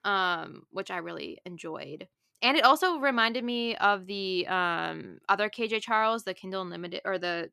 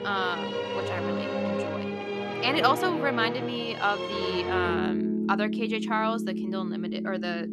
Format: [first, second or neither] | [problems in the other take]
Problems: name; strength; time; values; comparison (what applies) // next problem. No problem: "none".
first | background music; loud; throughout; 1 dB below the speech